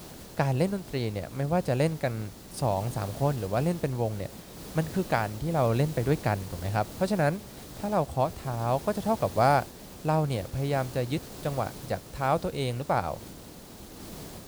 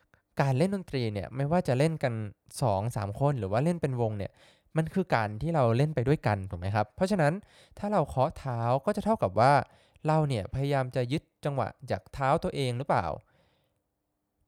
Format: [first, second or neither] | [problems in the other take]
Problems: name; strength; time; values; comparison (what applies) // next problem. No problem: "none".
second | hiss; noticeable; throughout; 15 dB below the speech